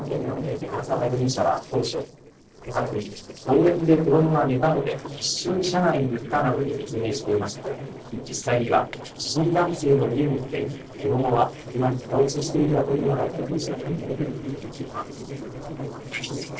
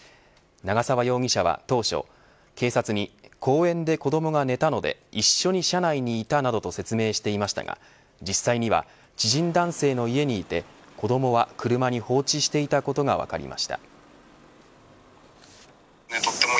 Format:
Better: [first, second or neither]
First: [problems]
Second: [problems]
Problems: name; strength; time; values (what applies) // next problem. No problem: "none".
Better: second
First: noise reduction (neural separator model SepFormer DNS4)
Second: none